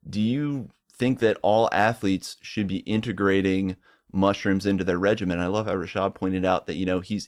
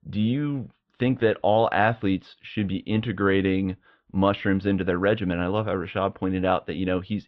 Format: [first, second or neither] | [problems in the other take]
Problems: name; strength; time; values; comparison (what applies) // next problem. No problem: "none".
first | muffled; very; fading above 3.5 kHz